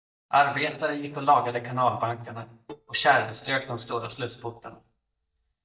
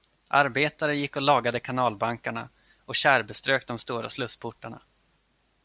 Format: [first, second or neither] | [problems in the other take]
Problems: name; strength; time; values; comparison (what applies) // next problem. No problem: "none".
second | noise reduction (neural mask model DeepFilterNet 3)